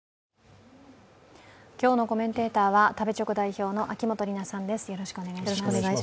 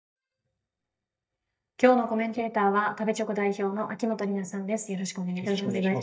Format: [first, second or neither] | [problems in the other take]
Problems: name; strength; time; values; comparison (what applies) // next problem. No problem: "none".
first | noise reduction (neural mask model DeepFilterNet 3)